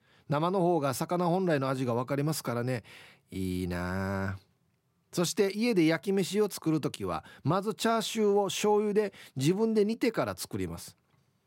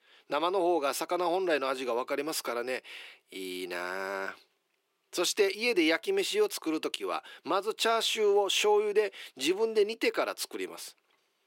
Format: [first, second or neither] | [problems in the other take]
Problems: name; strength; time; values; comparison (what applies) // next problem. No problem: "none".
first | thin; somewhat; fading below 350 Hz